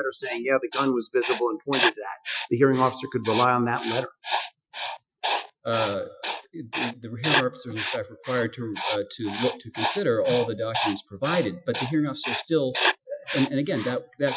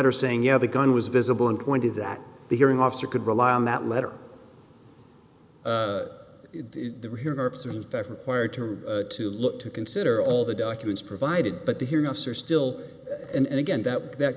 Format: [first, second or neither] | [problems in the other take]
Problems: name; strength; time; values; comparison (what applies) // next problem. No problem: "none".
second | noise reduction (classical method Wiener filter)